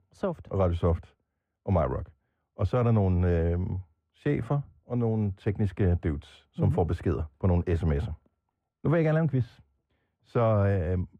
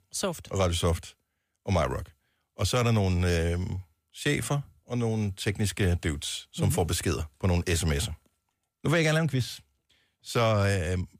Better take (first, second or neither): second